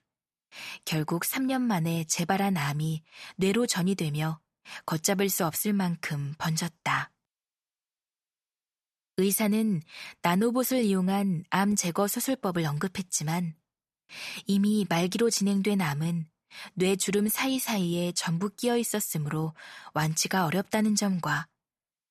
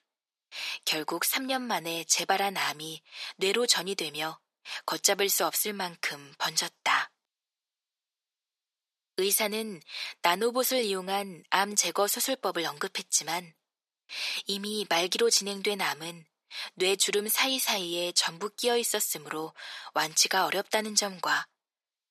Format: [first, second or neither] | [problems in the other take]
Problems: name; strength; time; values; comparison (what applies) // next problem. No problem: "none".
first | thin; very; fading below 350 Hz